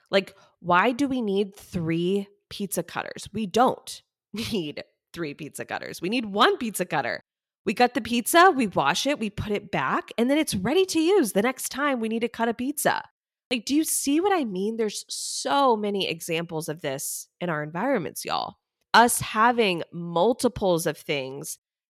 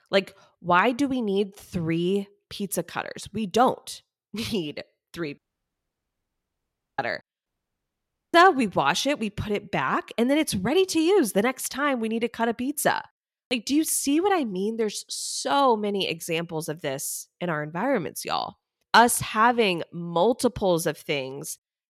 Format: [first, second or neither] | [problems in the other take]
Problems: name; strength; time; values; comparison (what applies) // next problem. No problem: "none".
first | audio cutting out; at 5.5 s for 1.5 s and at 7.5 s for 1 s